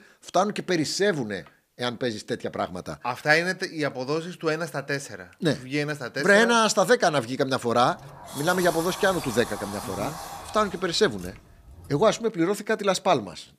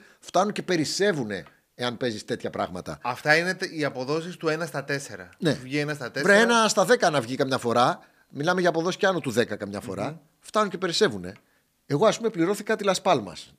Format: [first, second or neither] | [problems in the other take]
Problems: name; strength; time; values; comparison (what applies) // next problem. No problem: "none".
second | door banging; noticeable; from 8 to 12 s; peak 9 dB below the speech